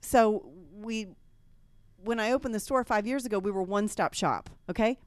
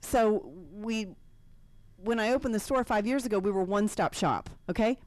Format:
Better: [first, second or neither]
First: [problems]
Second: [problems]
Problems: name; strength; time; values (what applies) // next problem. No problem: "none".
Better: first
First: none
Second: distortion; slight; 10 dB below the speech